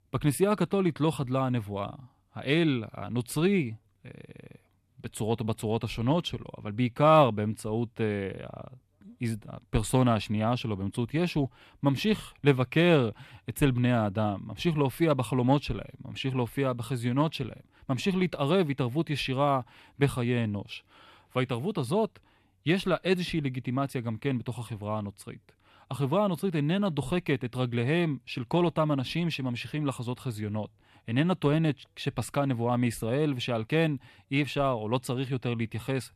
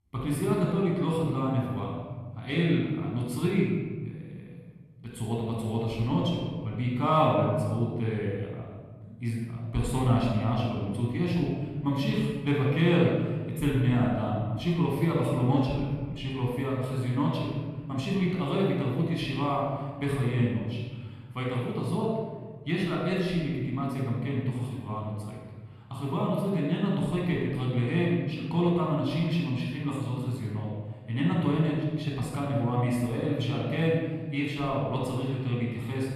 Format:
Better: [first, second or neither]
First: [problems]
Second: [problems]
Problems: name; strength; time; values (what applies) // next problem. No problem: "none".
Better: first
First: none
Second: off-mic speech; far // room echo; noticeable; dies away in 1.5 s